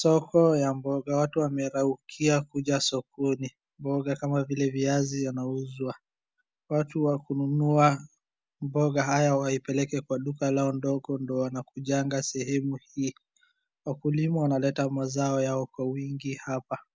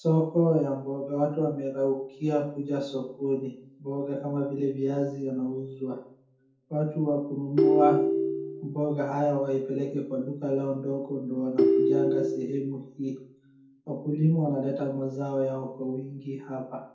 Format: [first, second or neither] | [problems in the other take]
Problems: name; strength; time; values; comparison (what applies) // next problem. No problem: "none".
first | background sound (Ringtone); 3 dB above the speech // room echo; dies away in 0.6 s